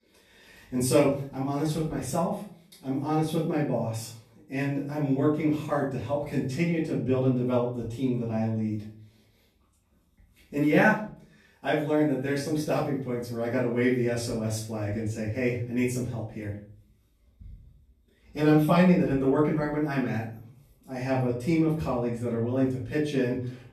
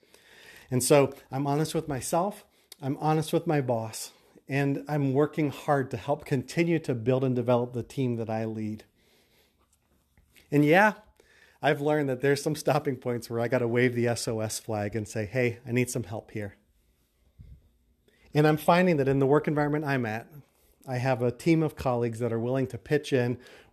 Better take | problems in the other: second | off-mic speech; far // room echo; noticeable; dies away in 0.5 s

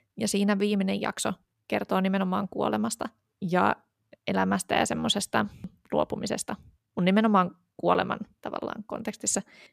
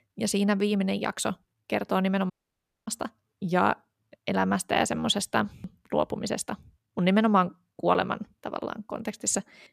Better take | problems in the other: first | audio cutting out; at 2.5 s for 0.5 s

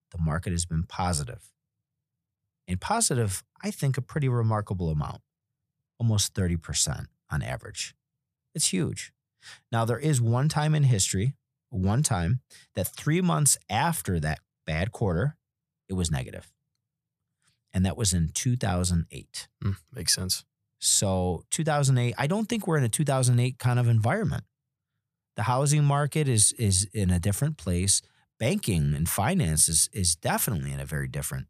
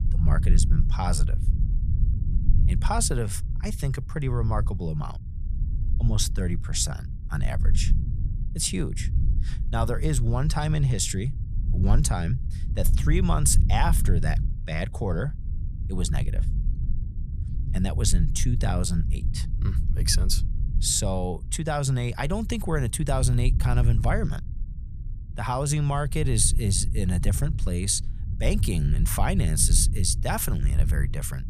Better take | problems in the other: first | low rumble; noticeable; throughout; 15 dB below the speech

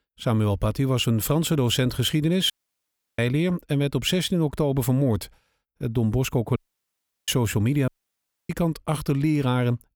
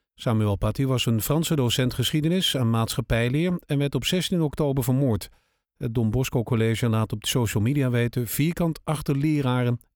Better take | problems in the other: second | audio cutting out; at 2.5 s for 0.5 s, at 6.5 s for 0.5 s and at 8 s for 0.5 s

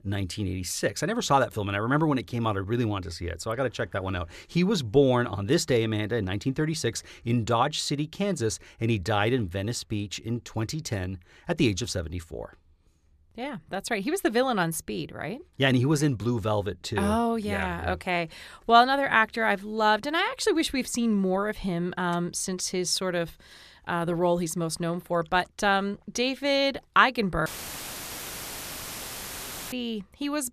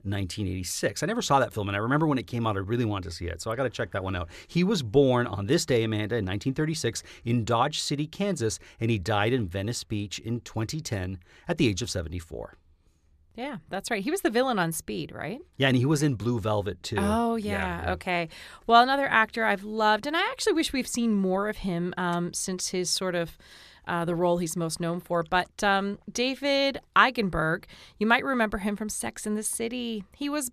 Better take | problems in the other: second | audio cutting out; filled with static; at 27 s for 2.5 s

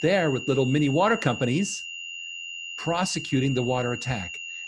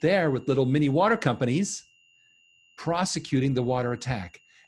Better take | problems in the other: second | high-pitched whine; loud; throughout; 3 kHz, 9 dB below the speech; faint in the second

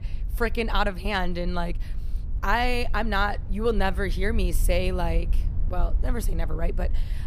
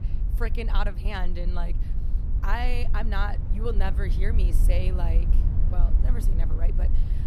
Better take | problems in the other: first | low rumble; loud; throughout; 10 dB below the speech; faint in the first

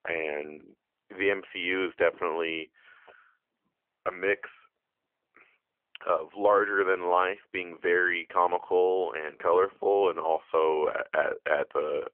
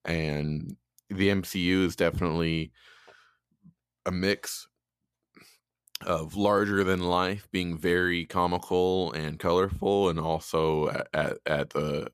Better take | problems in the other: second | phone-call audio; nothing above 3 kHz

